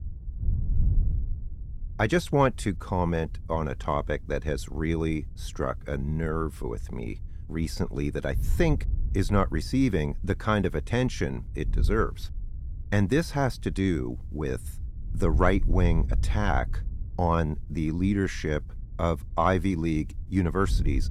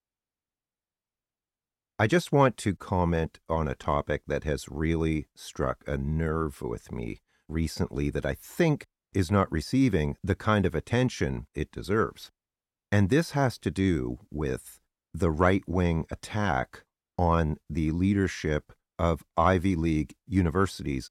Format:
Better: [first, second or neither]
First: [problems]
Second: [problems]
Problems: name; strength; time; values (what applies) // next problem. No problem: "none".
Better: second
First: wind noise on the microphone; occasional gusts; 20 dB below the speech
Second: none